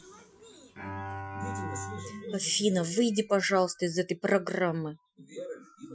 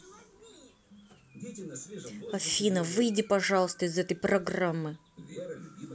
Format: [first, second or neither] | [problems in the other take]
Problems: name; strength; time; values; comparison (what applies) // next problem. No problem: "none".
second | noise reduction (classical method Wiener filter)